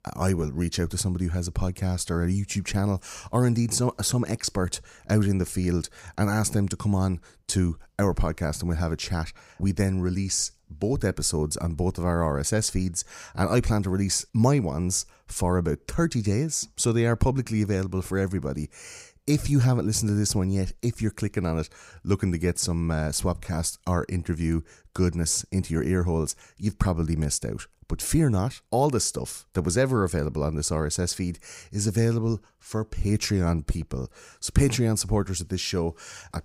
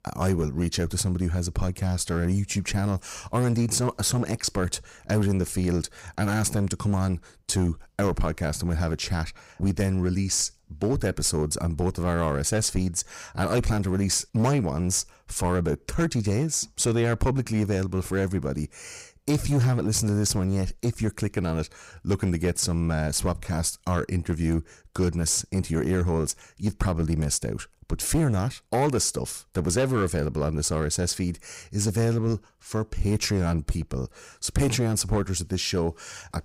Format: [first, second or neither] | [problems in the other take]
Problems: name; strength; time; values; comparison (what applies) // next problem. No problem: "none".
first | distortion; slight; 8% of the sound clipped